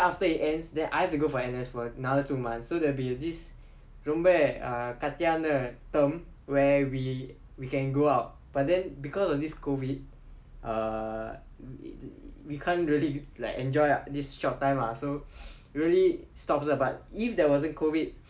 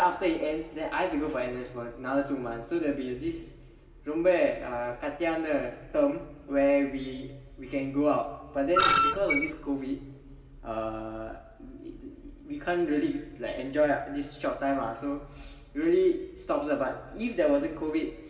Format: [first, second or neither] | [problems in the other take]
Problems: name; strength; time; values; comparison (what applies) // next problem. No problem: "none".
first | background sound (Screech); 3 dB above the speech // room echo; dies away in 1.9 s